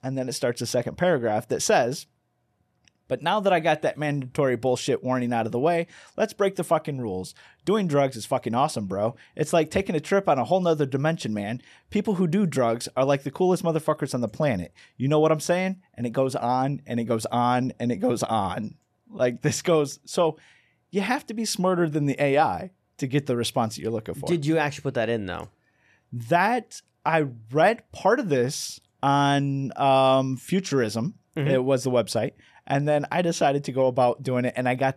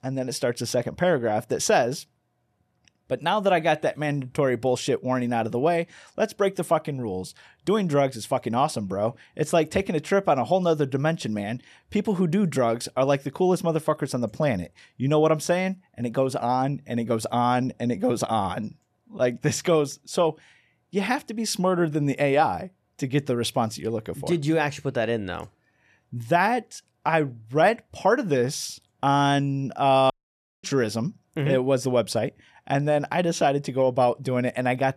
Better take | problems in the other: first | audio cutting out; at 30 s for 0.5 s

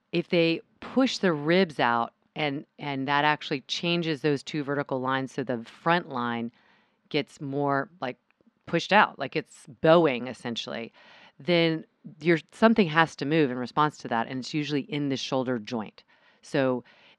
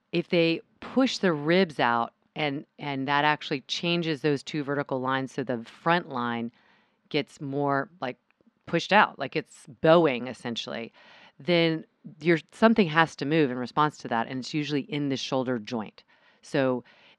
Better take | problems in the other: neither | muffled; very slightly; fading above 3.5 kHz; the same in both

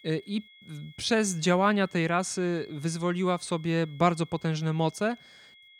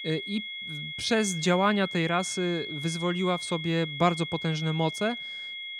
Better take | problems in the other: first | high-pitched whine; loud; throughout; 2 kHz, 7 dB below the speech; faint in the first

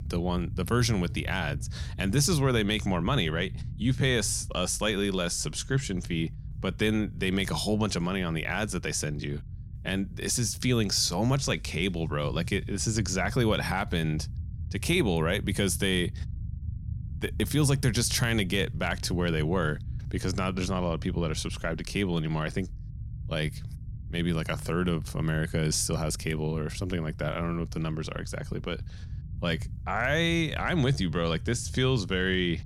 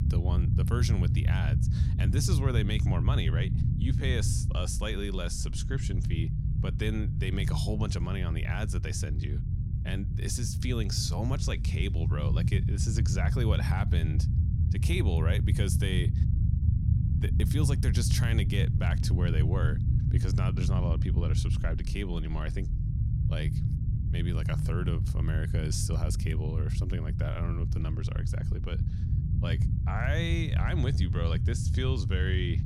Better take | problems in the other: first | low rumble; loud; throughout; 5 dB below the speech; faint in the first

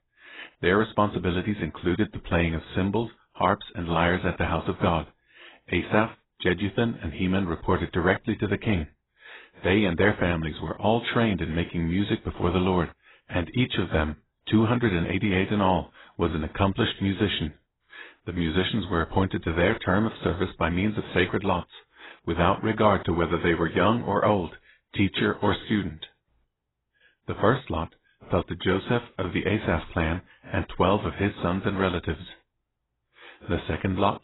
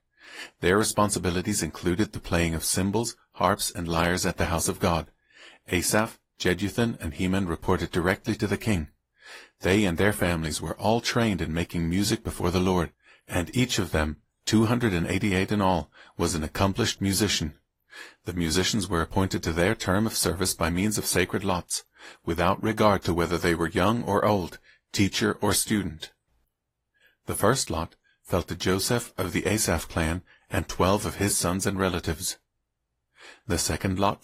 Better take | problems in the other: second | garbled, watery; badly; nothing above 4 kHz; slightly in the second

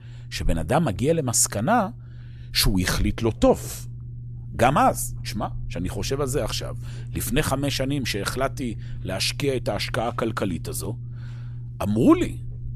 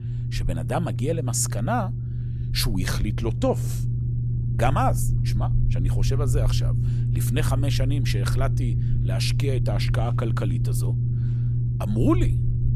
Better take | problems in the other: first | low rumble; loud; throughout; 8 dB below the speech; faint in the first

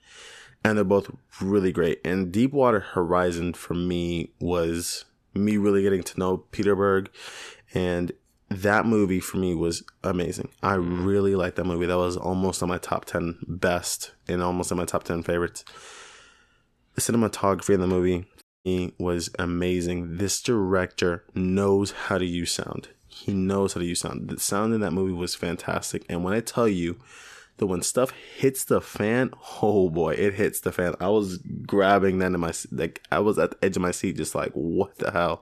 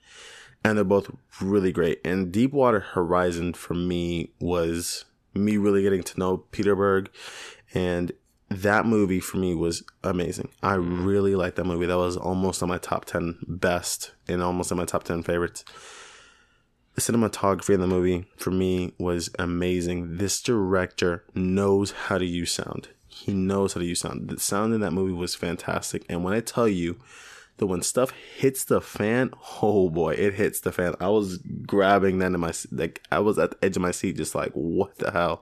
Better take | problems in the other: second | audio cutting out; at 18 s

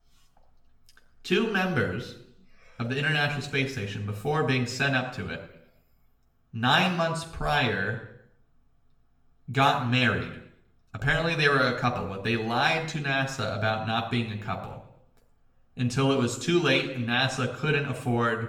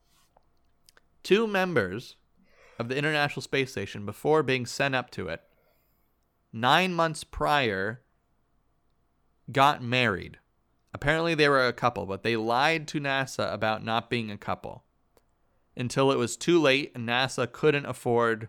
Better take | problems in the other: second | room echo; slight; dies away in 0.7 s // off-mic speech; somewhat distant

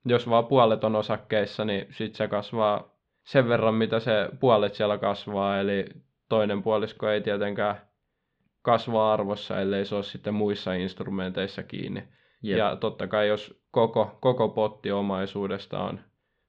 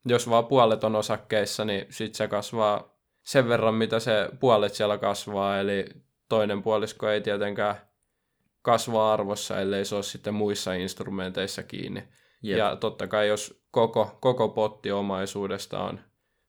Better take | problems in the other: second | muffled; slightly; fading above 3.5 kHz

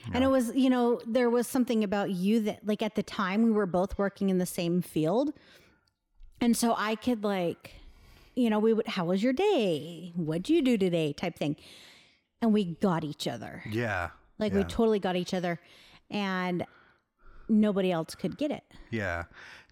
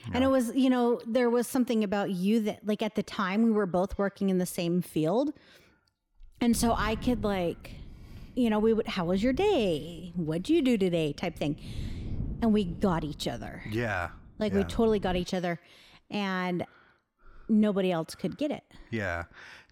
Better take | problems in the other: first | wind noise on the microphone; occasional gusts; from 6.5 to 15 s; 25 dB below the speech

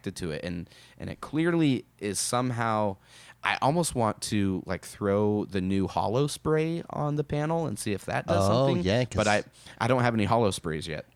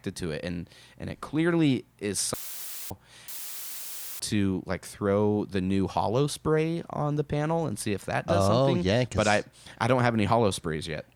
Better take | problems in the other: first | audio cutting out; filled with static; at 2.5 s for 0.5 s and at 3.5 s for 1 s

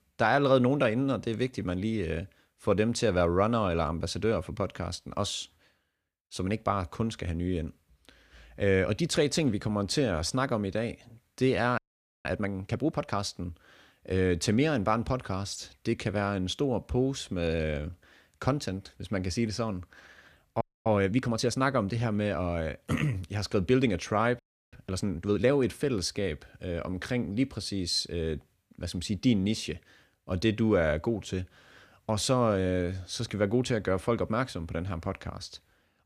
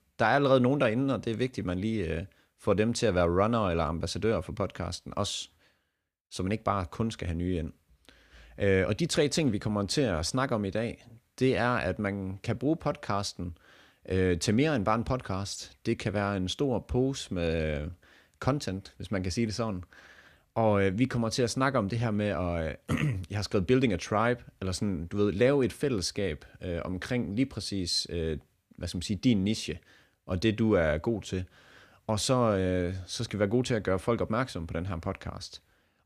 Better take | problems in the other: second | audio freezing; at 12 s, at 21 s and at 24 s

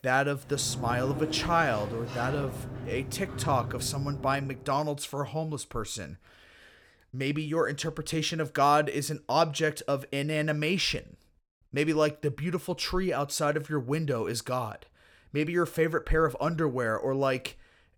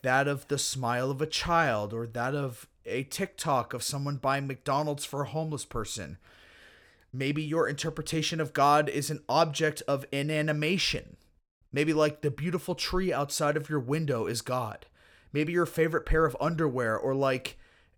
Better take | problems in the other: second | door banging; noticeable; until 4.5 s; peak 6 dB below the speech

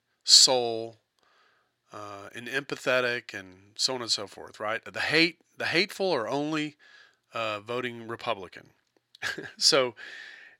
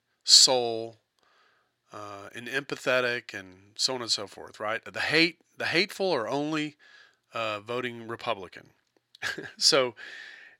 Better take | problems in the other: neither | thin; very slightly; fading below 400 Hz; the same in both

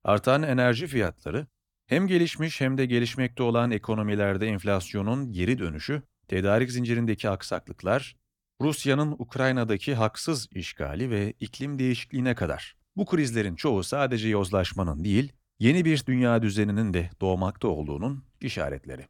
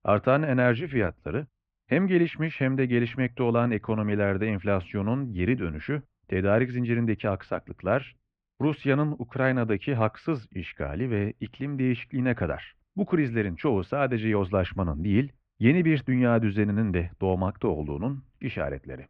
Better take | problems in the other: first | muffled; very; fading above 2.5 kHz

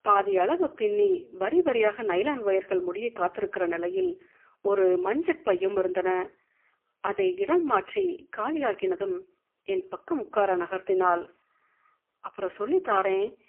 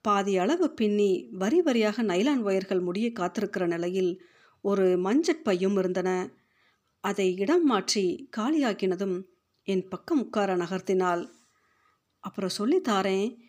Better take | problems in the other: second | phone-call audio; poor line; nothing above 3 kHz

